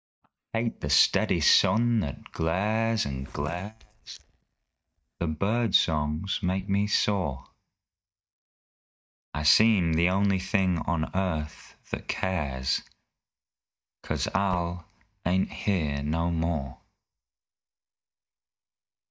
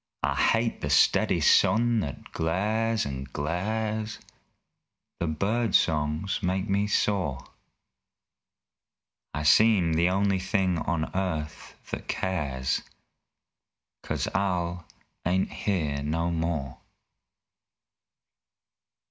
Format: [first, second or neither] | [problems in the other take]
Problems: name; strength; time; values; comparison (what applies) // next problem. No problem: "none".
second | noise reduction (neural mask model DeepFilterNet 3)